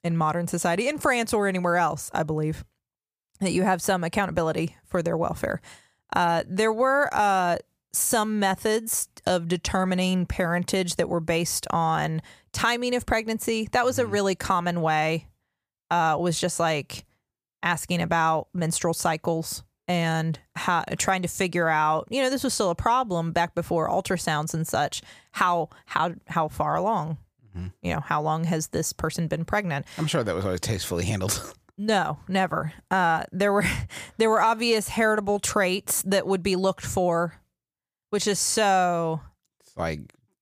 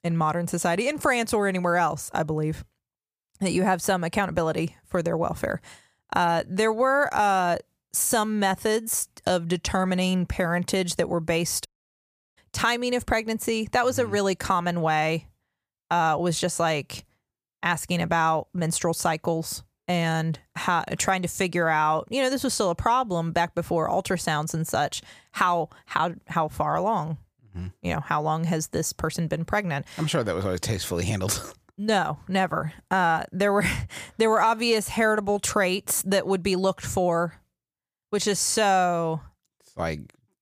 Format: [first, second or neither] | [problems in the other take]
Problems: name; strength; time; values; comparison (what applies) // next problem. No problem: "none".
first | audio cutting out; at 12 s for 0.5 s